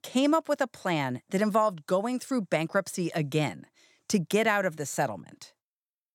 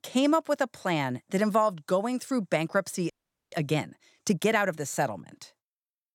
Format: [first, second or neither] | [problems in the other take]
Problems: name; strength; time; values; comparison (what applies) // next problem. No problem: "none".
first | audio freezing; at 3 s